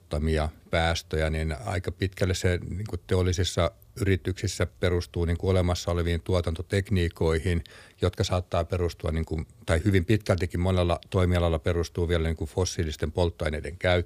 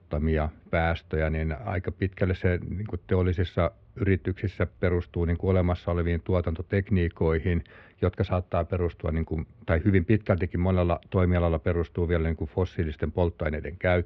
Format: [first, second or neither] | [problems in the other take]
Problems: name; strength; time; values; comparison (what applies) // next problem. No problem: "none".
first | muffled; very; fading above 2.5 kHz